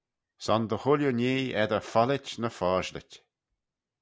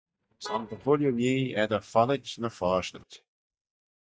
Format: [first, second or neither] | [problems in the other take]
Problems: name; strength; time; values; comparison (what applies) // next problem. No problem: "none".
first | noise reduction (neural mask model DeepFilterNet 3)